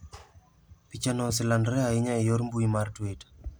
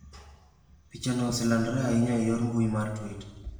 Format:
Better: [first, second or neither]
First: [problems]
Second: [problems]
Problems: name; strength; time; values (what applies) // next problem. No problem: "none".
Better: first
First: none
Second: room echo; dies away in 1 s